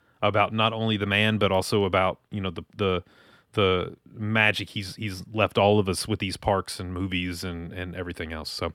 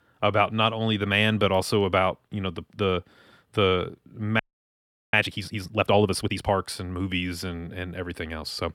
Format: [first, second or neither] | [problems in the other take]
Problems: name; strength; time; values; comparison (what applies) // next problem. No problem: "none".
first | audio freezing; at 4.5 s for 0.5 s